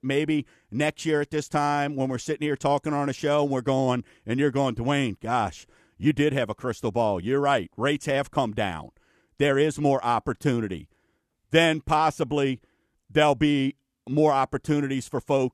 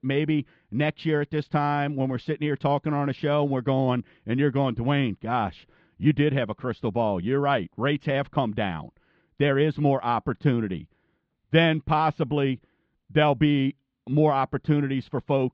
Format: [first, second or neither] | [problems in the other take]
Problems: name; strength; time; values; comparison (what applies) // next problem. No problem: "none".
first | muffled; slightly; fading above 4 kHz